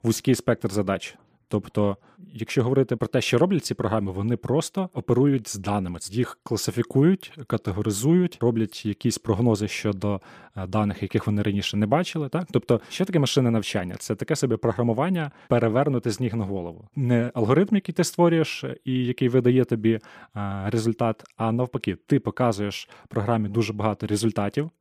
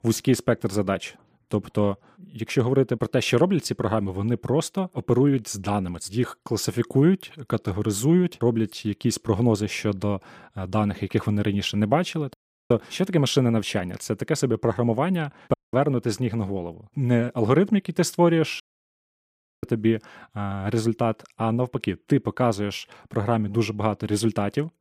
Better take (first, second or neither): first